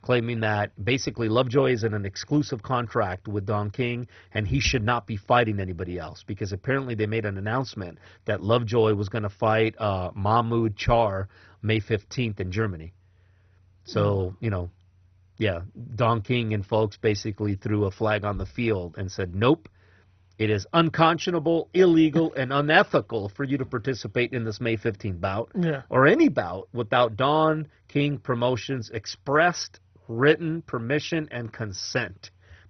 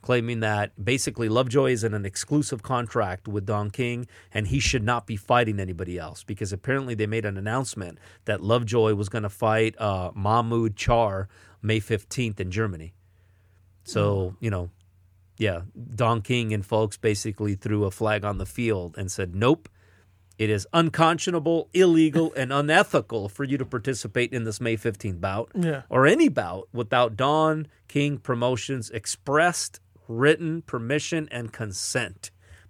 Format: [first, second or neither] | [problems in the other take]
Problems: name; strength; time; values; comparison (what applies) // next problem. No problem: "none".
second | garbled, watery; badly; nothing above 6 kHz